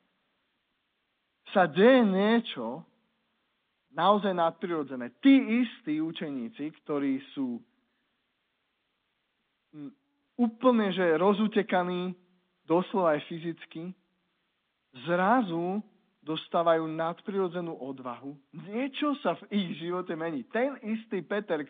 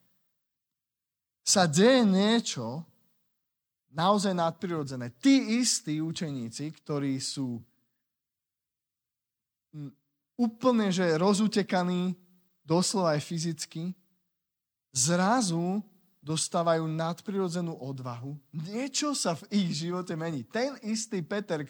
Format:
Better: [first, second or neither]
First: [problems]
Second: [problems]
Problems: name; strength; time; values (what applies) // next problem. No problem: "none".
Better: second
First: phone-call audio; nothing above 3.5 kHz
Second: none